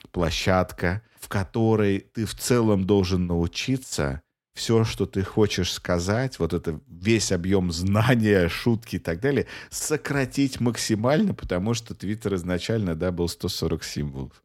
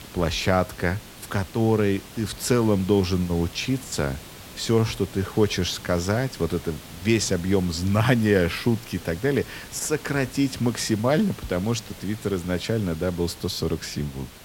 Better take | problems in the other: first | hiss; noticeable; throughout; 15 dB below the speech

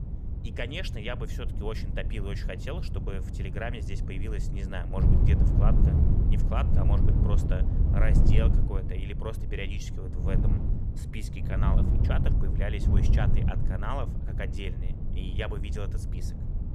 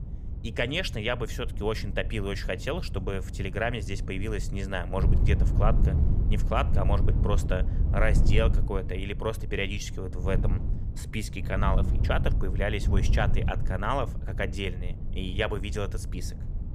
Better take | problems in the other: second | wind noise on the microphone; heavy; 3 dB below the speech; occasional gusts in the second

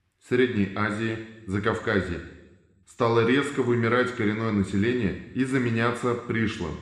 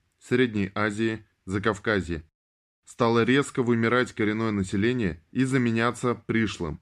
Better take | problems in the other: second | room echo; slight; dies away in 0.9 s

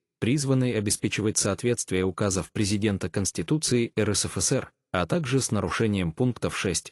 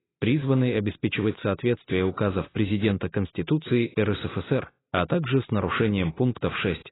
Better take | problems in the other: first | garbled, watery; badly; nothing above 4 kHz; slightly in the first

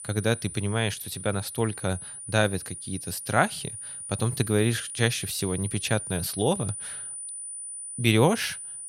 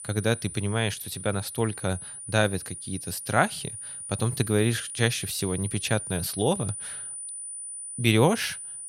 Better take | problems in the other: neither | high-pitched whine; loud; throughout; 9.5 kHz, 8 dB below the speech; the same in both

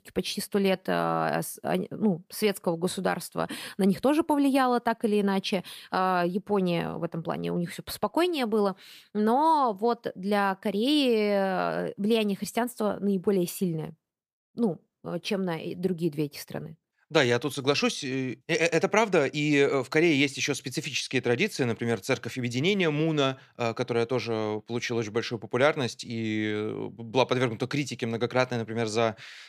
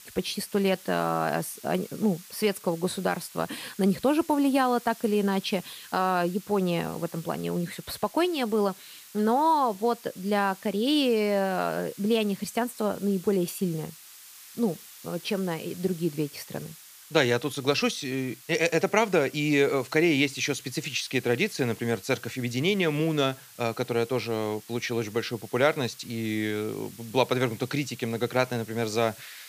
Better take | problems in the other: first | hiss; noticeable; throughout; 20 dB below the speech

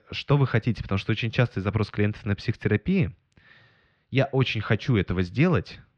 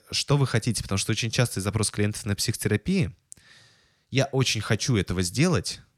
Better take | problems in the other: second | muffled; very; fading above 3 kHz

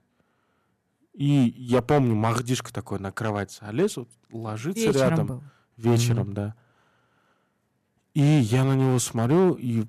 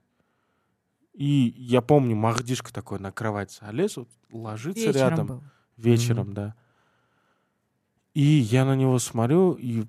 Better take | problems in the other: second | distortion; slight; 4% of the sound clipped

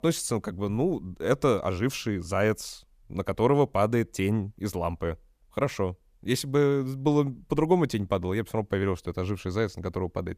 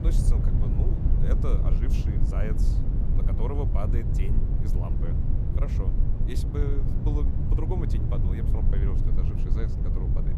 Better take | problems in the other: first | low rumble; loud; throughout; as loud as the speech

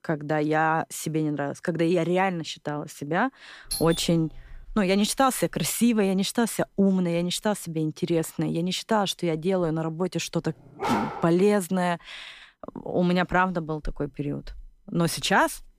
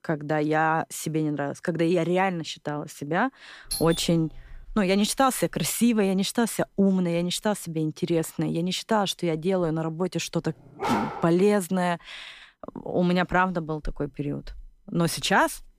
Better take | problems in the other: neither | doorbell; noticeable; at 3.5 s; peak 6 dB below the speech; the same in both // dog barking; noticeable; at 11 s; peak 3 dB below the speech; the same in both

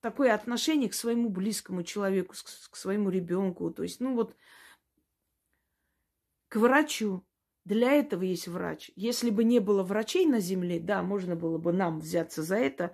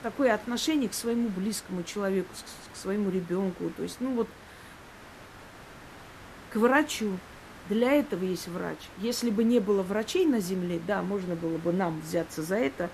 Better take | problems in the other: first | hiss; noticeable; throughout; 20 dB below the speech

